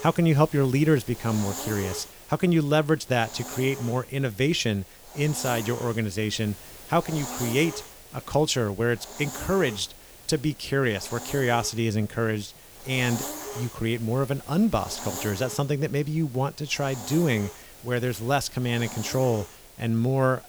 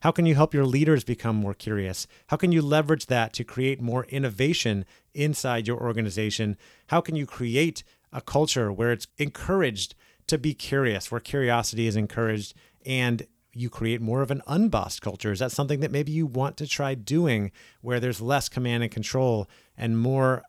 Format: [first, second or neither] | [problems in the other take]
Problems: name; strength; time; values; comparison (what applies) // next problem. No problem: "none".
second | hiss; noticeable; throughout; 15 dB below the speech